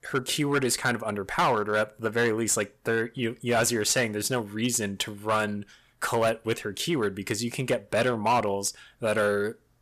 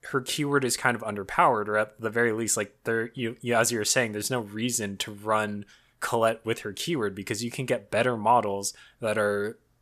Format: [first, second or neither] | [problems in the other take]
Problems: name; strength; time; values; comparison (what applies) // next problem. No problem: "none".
second | distortion; slight; 5% of the sound clipped